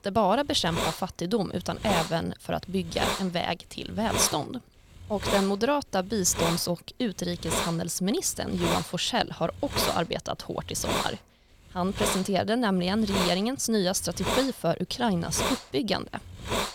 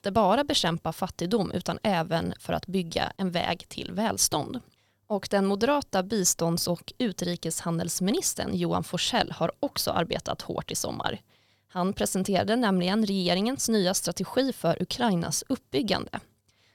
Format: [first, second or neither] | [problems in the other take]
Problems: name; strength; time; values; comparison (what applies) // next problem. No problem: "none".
second | hiss; loud; throughout; 4 dB below the speech